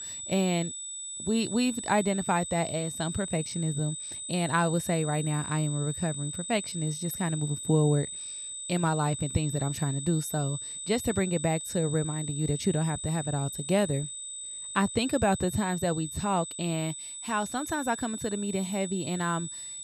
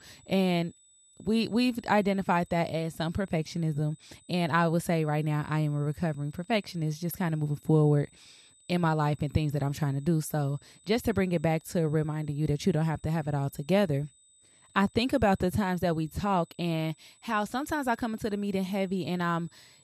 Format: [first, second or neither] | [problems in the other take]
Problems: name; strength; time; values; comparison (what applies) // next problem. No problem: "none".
second | high-pitched whine; loud; throughout; 8 kHz, 6 dB below the speech; faint in the second